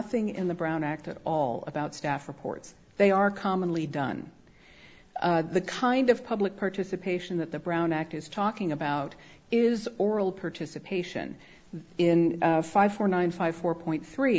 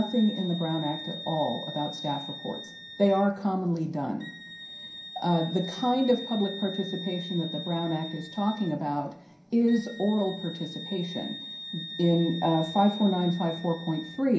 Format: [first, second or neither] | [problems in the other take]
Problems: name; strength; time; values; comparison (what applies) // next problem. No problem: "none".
first | background sound (Wind instrument, woodwind instrument); 13 dB below the speech // room echo; dies away in 0.5 s